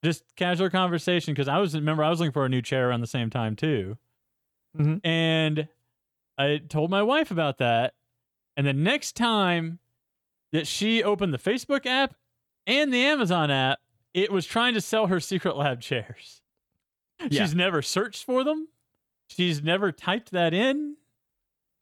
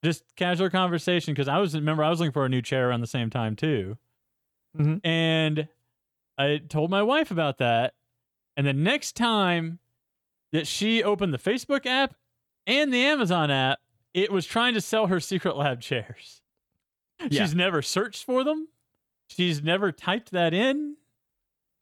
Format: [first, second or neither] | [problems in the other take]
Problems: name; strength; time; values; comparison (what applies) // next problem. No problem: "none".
neither | none